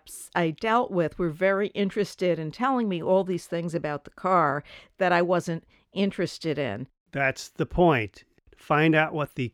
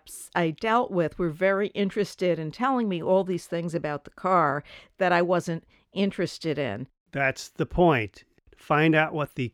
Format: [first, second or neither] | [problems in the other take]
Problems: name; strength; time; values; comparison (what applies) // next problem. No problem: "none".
neither | none